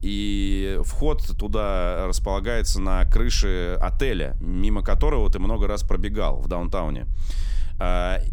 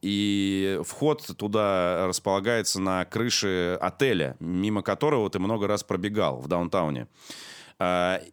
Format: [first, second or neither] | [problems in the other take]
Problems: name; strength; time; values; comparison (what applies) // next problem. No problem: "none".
second | low rumble; faint; throughout; 25 dB below the speech